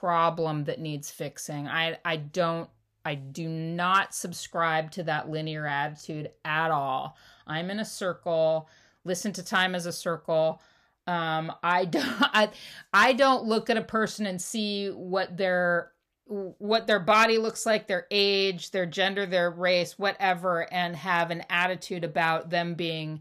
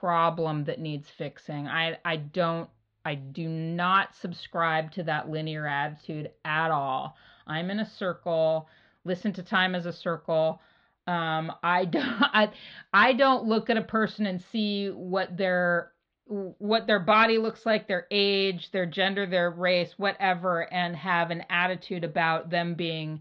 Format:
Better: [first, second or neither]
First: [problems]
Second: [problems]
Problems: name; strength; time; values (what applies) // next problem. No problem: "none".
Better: first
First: none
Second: muffled; very slightly; fading above 4 kHz